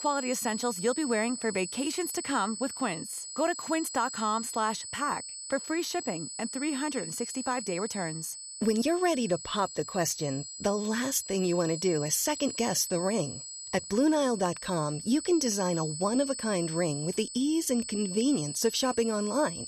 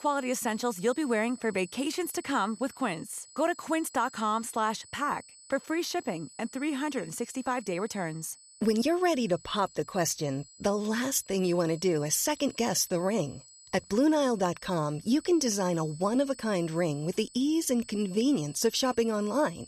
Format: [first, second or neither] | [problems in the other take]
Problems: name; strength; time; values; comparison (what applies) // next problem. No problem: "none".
second | high-pitched whine; loud; throughout; 8 kHz, 8 dB below the speech; faint in the second